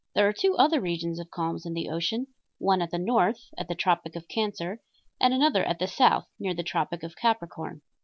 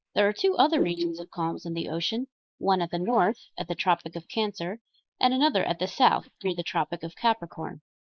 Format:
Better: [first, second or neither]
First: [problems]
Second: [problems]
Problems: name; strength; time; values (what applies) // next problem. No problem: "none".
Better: first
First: none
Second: noise reduction (neural mask model Resemble Enhance denoiser)